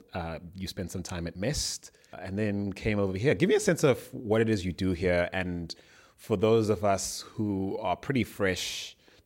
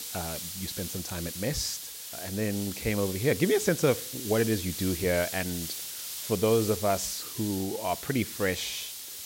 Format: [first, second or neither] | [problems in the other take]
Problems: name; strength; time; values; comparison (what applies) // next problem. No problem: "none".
first | hiss; loud; throughout; 6 dB below the speech